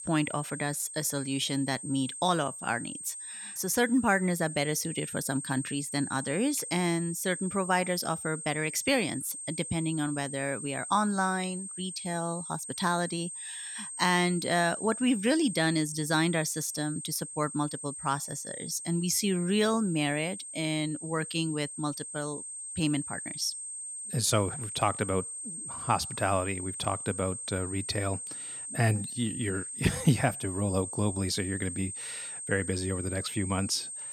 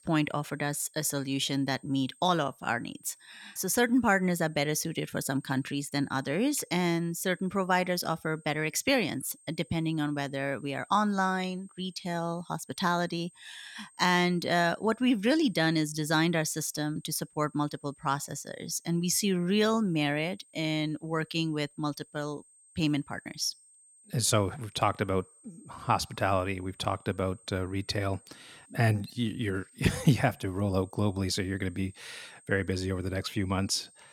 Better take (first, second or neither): second